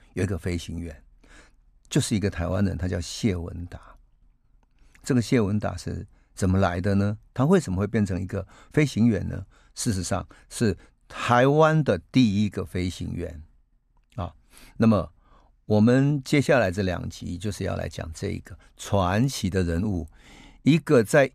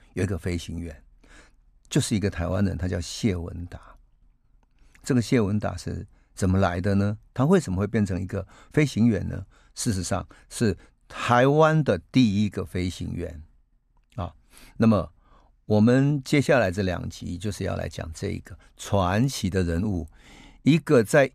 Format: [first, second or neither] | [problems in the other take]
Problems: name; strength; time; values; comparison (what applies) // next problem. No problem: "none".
neither | none